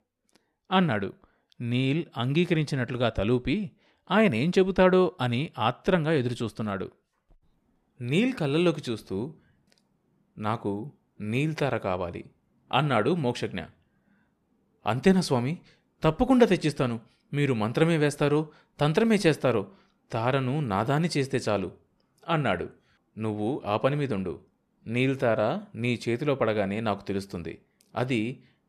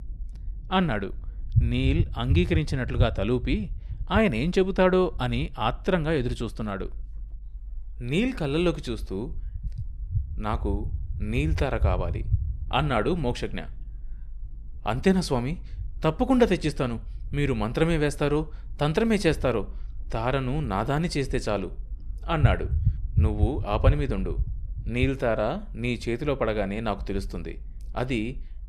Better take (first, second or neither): first